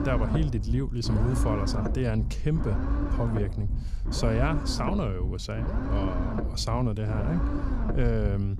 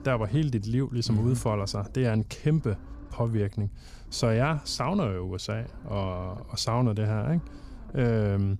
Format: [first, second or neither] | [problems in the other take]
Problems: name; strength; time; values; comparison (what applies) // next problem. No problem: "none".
second | low rumble; loud; throughout; 4 dB below the speech; faint in the second